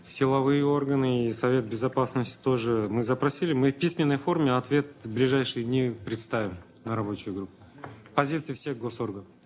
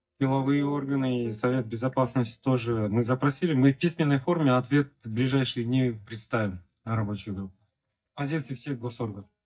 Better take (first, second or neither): first